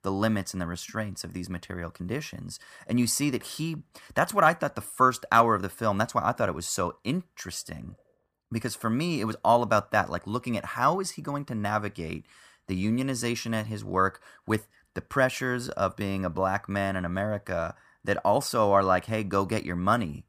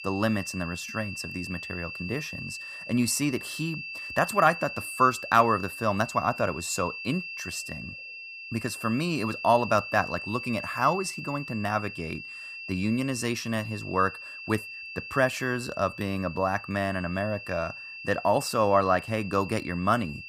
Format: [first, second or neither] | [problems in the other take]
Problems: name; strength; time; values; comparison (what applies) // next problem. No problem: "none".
first | high-pitched whine; loud; throughout; 2.5 kHz, 10 dB below the speech